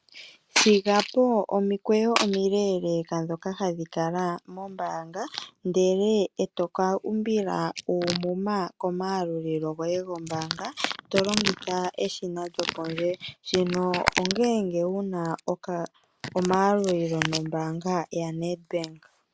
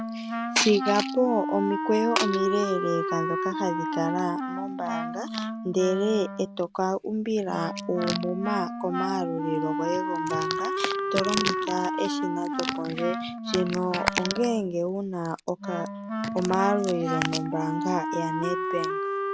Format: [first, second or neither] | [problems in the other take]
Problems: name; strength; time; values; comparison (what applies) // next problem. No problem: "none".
first | background sound (Wind instrument, woodwind instrument); 3 dB below the speech